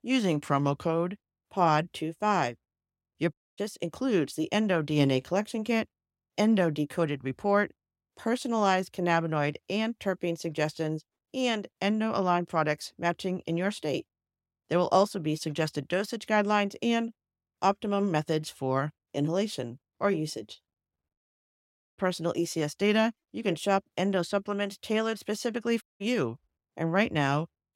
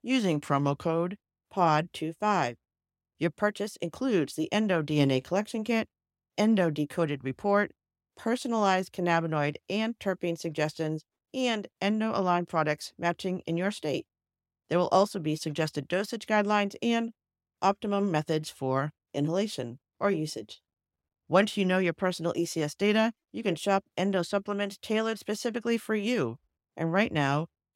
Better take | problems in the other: second | audio cutting out; at 3.5 s, at 21 s for 1 s and at 26 s

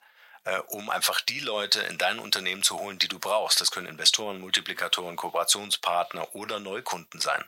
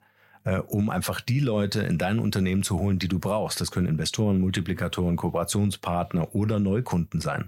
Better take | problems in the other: second | thin; very; fading below 800 Hz

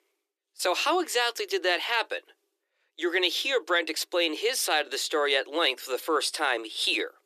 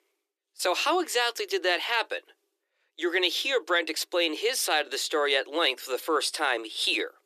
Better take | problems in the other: neither | thin; very; fading below 300 Hz; the same in both

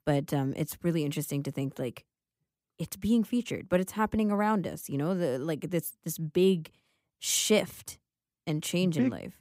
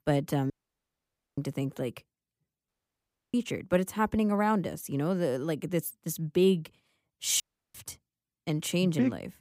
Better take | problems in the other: first | audio cutting out; at 0.5 s for 1 s, at 2.5 s for 0.5 s and at 7.5 s

